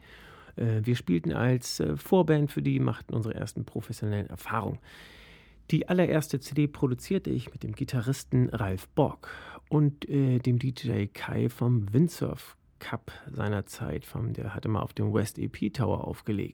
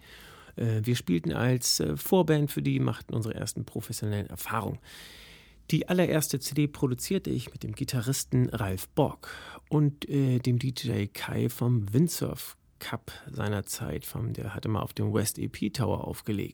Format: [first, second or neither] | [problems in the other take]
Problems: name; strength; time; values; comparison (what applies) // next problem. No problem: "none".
second | muffled; slightly; fading above 3.5 kHz